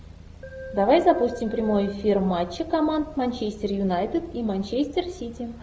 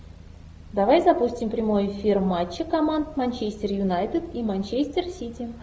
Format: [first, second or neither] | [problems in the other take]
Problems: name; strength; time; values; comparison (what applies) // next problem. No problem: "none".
second | background sound (Keyboard (musical)); 17 dB below the speech